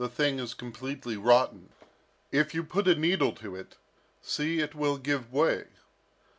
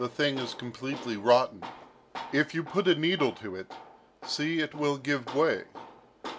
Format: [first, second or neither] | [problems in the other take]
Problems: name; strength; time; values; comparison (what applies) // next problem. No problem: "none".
first | background sound (Tools); 15 dB below the speech